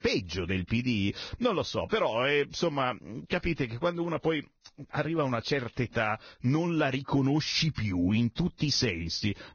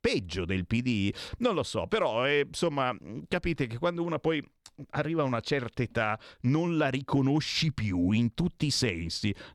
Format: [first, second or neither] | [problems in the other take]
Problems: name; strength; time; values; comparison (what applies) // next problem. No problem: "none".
second | garbled, watery; badly; nothing above 6.5 kHz